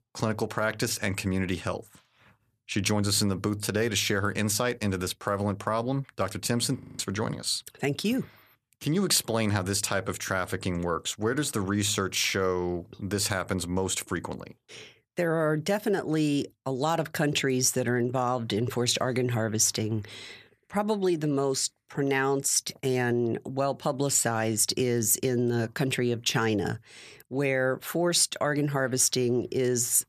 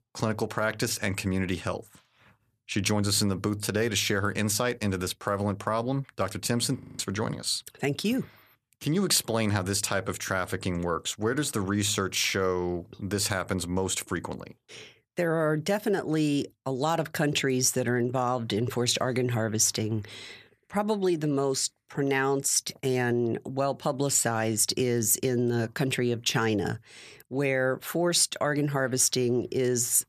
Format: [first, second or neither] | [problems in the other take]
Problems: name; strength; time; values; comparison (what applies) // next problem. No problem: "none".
neither | audio freezing; at 7 s; the same in both